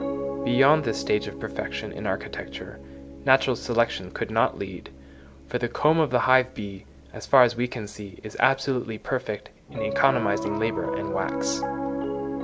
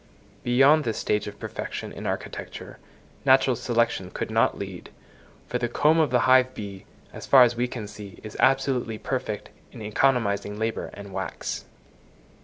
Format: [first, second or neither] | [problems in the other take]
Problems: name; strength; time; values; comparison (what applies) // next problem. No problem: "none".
second | background sound (Piano); 8 dB below the speech